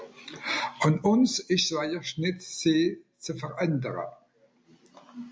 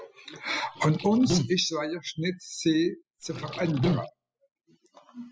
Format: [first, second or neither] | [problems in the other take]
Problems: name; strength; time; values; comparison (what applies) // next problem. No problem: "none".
first | noise reduction (classical method spectral subtraction)